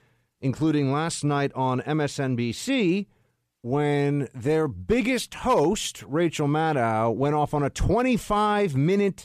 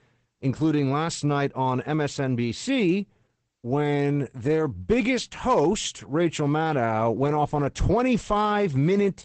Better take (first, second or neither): first